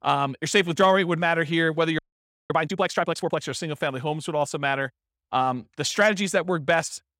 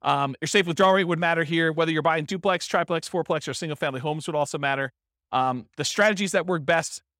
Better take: second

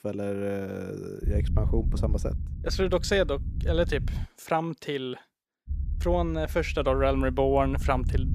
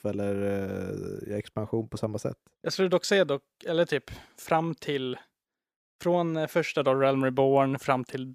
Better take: second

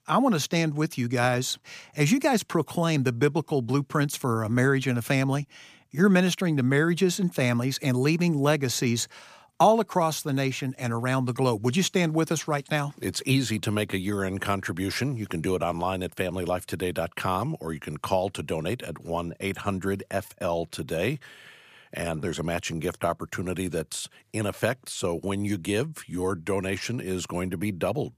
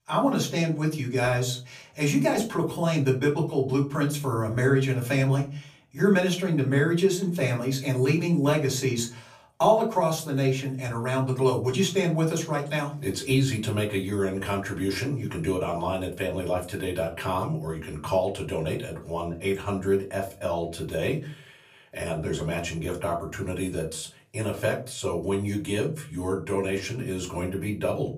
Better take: first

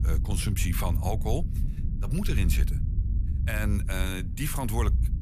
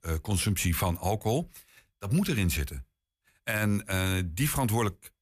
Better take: second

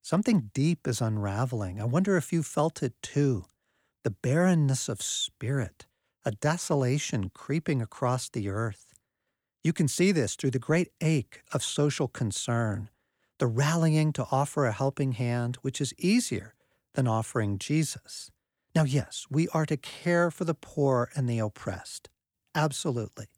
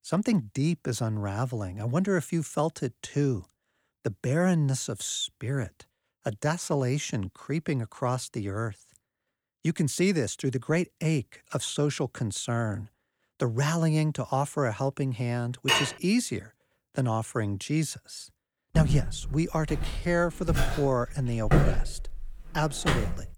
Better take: first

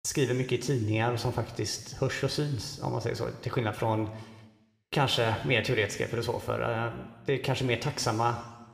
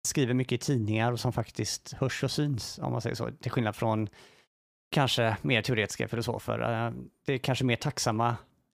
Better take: second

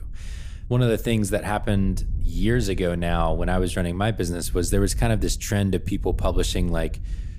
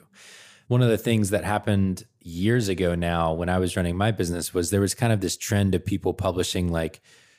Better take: second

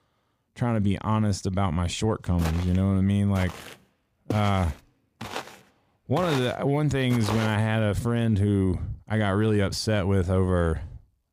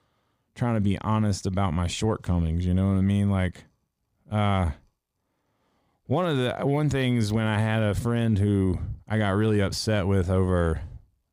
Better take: second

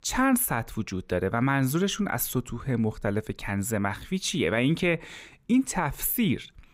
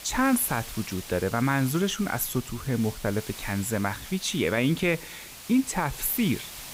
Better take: first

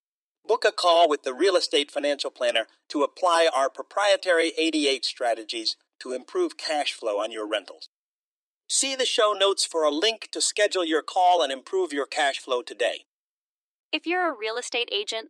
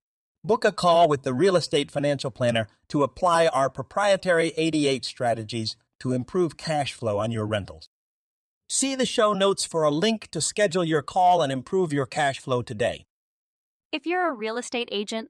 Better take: second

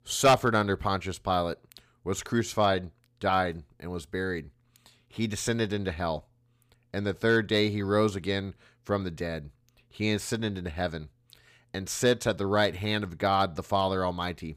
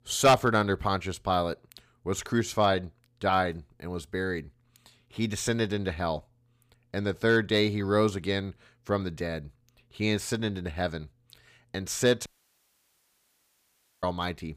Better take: first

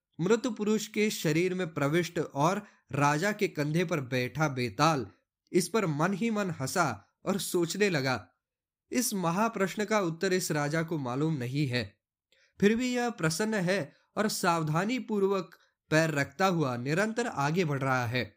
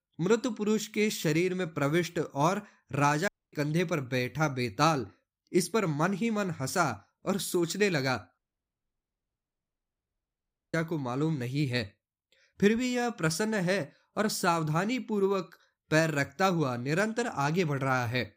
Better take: first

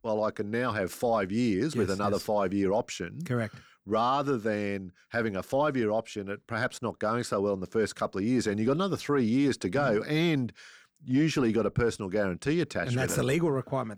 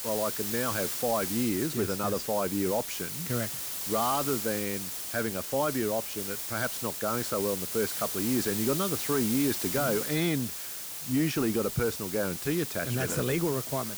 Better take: first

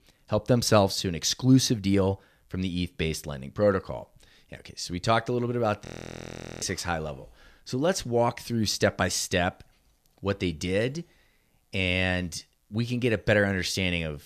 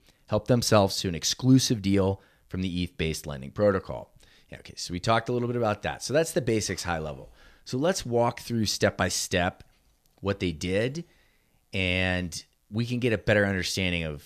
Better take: second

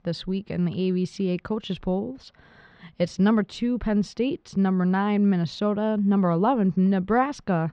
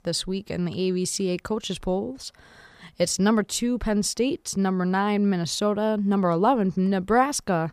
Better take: second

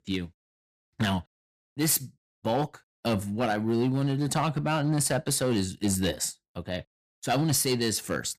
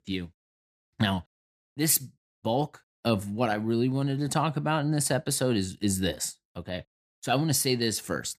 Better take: second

